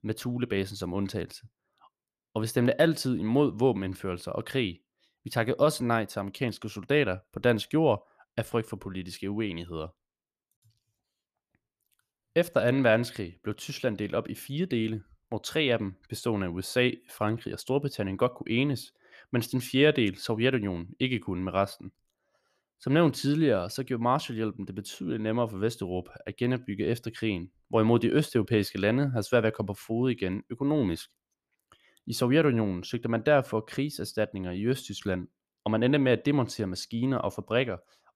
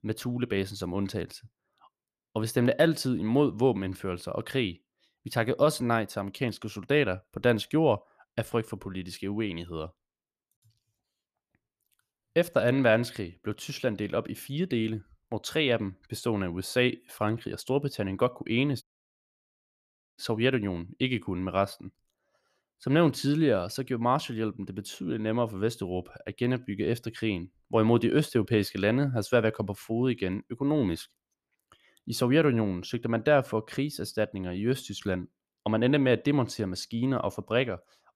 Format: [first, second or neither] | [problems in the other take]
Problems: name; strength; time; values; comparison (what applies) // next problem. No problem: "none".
first | audio cutting out; at 19 s for 1.5 s